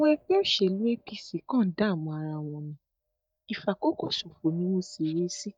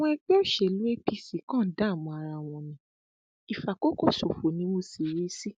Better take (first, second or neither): second